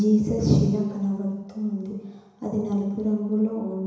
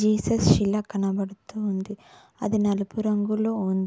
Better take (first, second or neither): second